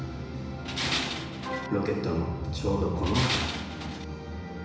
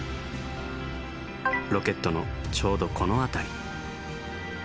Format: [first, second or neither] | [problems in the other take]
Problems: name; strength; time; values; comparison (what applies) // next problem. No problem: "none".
second | background sound (Tools); 2 dB below the speech // room echo; dies away in 1 s